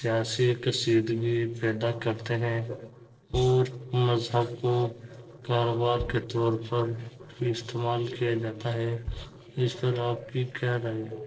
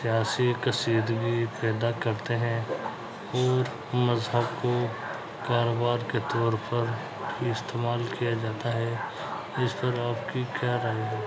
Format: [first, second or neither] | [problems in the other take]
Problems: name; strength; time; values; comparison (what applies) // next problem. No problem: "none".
second | noise reduction (neural separator model SepFormer DNS4)